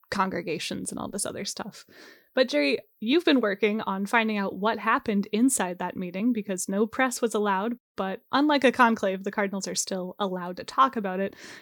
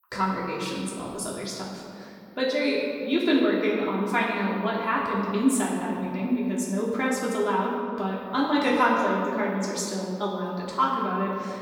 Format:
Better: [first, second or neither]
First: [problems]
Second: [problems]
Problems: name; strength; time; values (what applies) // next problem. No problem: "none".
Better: first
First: none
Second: off-mic speech; far // room echo; noticeable; dies away in 2 s